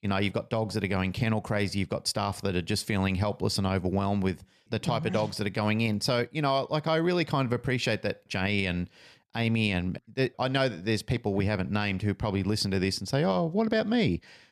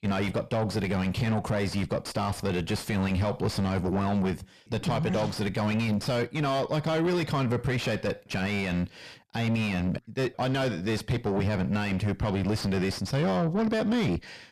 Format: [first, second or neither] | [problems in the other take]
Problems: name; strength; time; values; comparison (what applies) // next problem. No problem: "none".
first | distortion; heavy; 6 dB below the speech